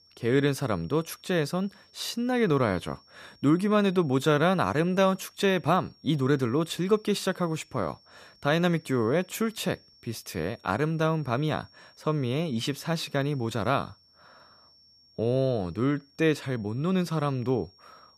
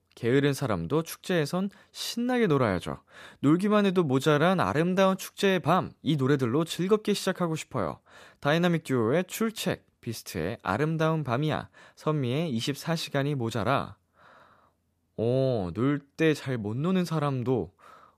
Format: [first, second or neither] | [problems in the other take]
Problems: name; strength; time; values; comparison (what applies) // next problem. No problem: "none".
second | high-pitched whine; faint; throughout; 5.5 kHz, 30 dB below the speech